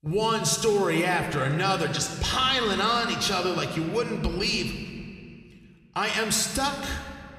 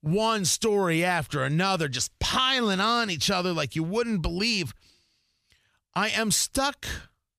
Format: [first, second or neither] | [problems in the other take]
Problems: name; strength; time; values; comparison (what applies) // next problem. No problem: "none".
second | room echo; slight; dies away in 1.8 s